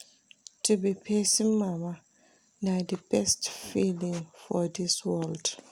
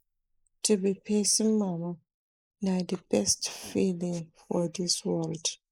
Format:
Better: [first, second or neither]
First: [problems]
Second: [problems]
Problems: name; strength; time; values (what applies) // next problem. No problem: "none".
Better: first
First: none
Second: noise reduction (neural mask model Resemble Enhance denoiser)